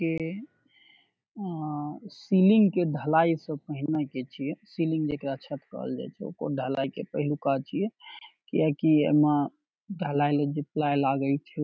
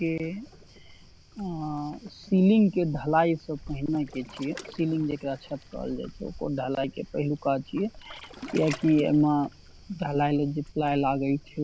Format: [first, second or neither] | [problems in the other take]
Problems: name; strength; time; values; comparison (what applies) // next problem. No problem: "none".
first | background sound (Waves, surf); 18 dB below the speech